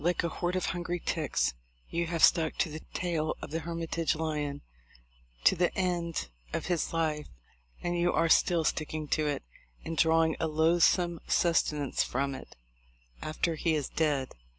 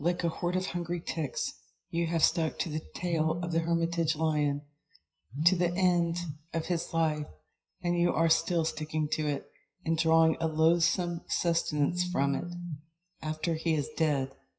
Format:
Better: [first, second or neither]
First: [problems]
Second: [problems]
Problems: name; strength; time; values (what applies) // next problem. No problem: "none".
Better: first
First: none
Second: noise reduction (classical method WPE with log-MMSE)